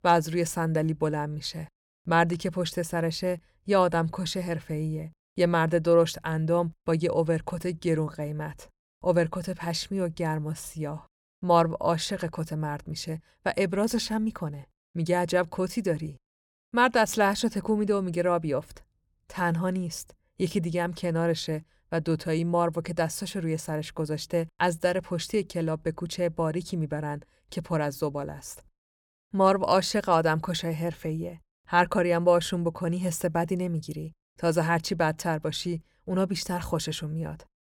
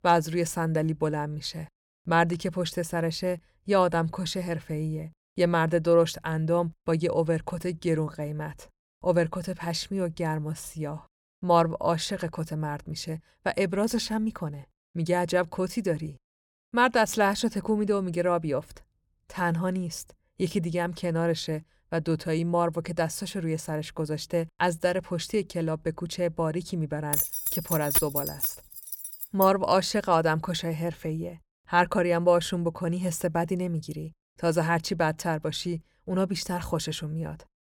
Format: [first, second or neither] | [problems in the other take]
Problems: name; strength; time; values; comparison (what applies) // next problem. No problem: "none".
first | jangling keys; loud; from 27 to 29 s; peak 4 dB above the speech